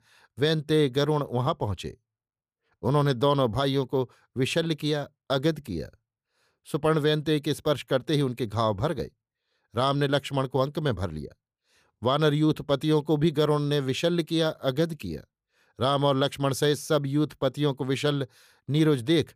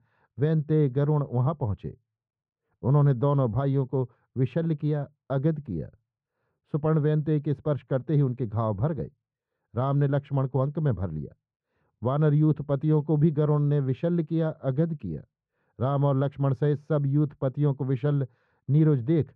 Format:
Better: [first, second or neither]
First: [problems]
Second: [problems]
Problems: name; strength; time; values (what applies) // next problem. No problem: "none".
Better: first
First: none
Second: muffled; very; fading above 1 kHz